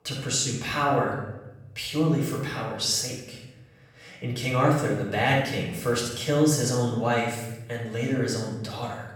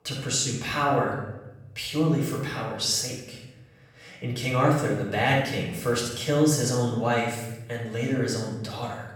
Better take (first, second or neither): neither